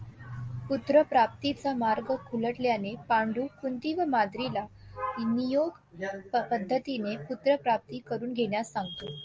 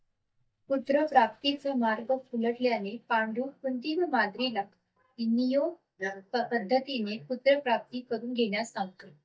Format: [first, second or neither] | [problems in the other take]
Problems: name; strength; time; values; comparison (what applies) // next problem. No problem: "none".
first | noise reduction (neural mask model DeepFilterNet 3)